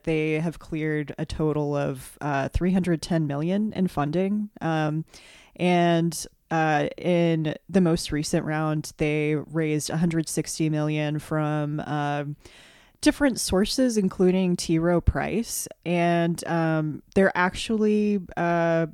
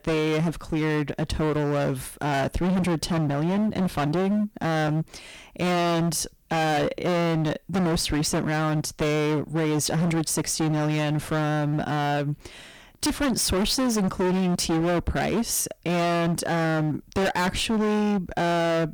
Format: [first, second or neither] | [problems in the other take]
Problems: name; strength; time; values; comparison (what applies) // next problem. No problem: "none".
first | distortion; heavy; 30% of the sound clipped